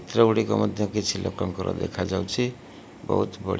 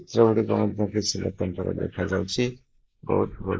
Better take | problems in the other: first | noise reduction (neural mask model Resemble Enhance denoiser)

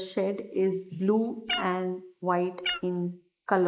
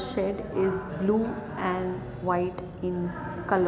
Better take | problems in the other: second | noise reduction (neural mask model Resemble Enhance denoiser)

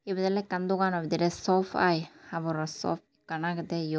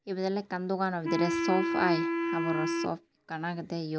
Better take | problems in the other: first | background sound (Wind instrument, woodwind instrument); 1 dB above the speech

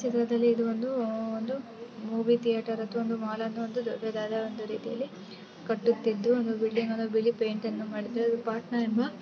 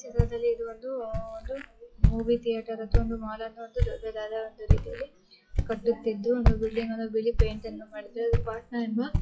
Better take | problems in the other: first | noise reduction (classical method log-MMSE)

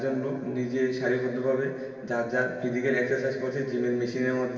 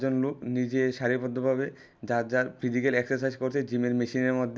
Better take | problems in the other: second | room echo; dies away in 2.5 s

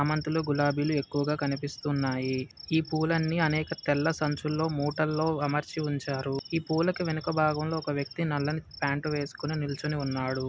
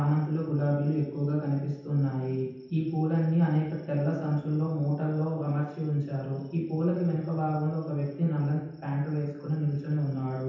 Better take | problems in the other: first | room echo; dies away in 0.9 s

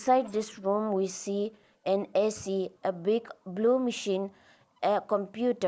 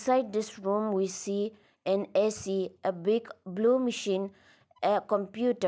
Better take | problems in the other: second | noise reduction (neural mask model Resemble Enhance denoiser)

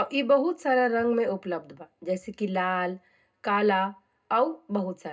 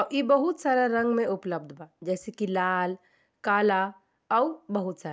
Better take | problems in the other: second | room echo; dies away in 0.2 s

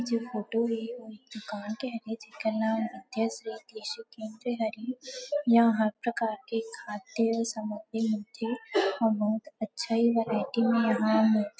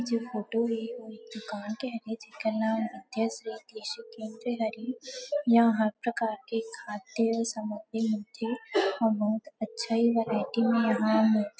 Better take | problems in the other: first | background sound (Telephone); 20 dB below the speech

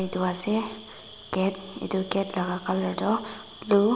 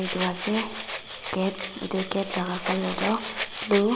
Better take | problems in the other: first | background sound (Rattle (instrument)); 7 dB below the speech

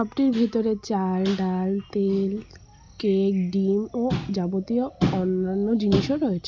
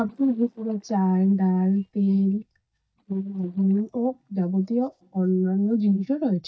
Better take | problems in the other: first | noise reduction (neural mask model DeepFilterNet 3)

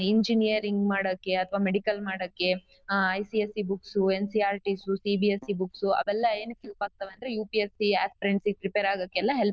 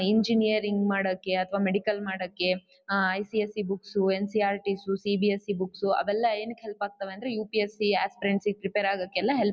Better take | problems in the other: second | noise reduction (neural diffusion model UNIVERSE++)

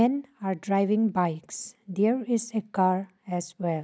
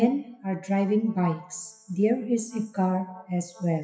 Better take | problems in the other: first | noise reduction (classical method WPE with log-MMSE)

